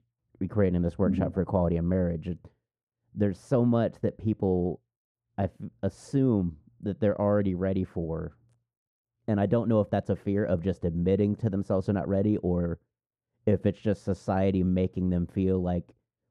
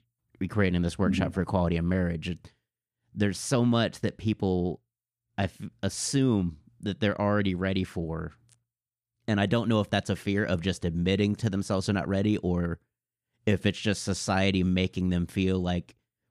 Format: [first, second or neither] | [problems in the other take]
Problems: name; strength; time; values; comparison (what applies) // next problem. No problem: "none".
second | muffled; very; fading above 1.5 kHz